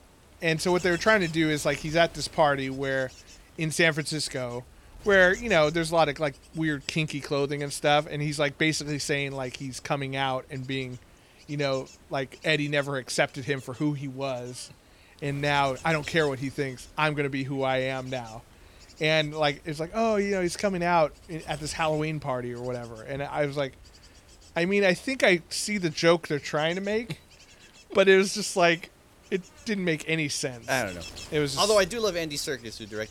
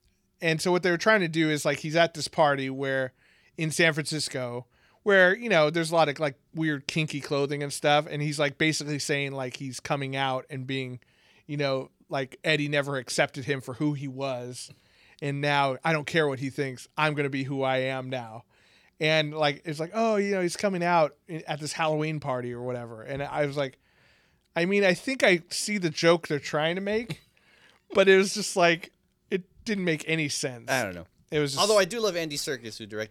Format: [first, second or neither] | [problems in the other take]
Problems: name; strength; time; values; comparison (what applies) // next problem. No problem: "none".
second | wind noise on the microphone; occasional gusts; 25 dB below the speech